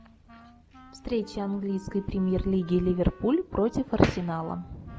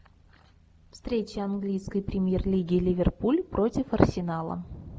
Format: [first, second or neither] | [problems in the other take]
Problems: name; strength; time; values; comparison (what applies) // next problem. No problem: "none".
second | background sound (Slam + Wind instrument, woodwind instrument); 19 dB below the speech